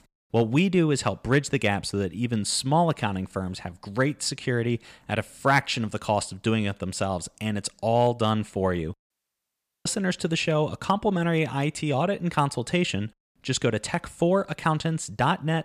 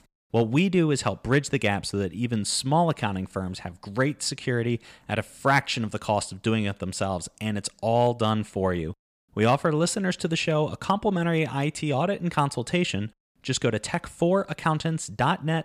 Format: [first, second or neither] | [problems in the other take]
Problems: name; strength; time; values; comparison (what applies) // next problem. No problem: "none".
second | audio cutting out; at 9 s for 1 s